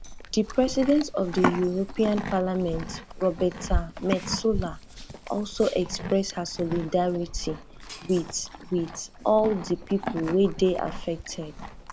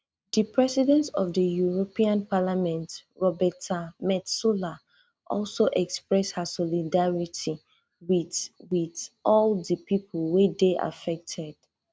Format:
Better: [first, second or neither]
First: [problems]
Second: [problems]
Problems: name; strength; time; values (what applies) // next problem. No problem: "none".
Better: second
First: background sound (Livestock, farm animals, working animals); 8 dB below the speech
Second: none